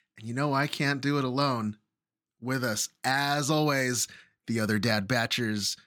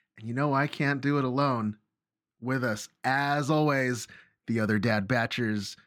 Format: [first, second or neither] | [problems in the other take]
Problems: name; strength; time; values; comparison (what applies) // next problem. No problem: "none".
first | muffled; slightly; fading above 3.5 kHz